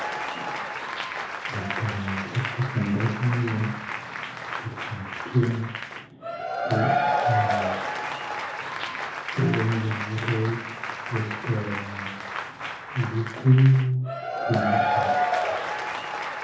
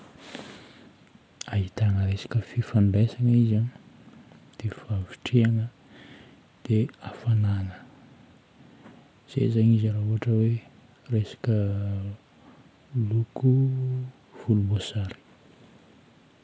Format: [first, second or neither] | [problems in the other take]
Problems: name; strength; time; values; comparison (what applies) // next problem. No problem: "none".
second | background sound (Applause / Crowd / Cheering); 2 dB below the speech // room echo; dies away in 0.7 s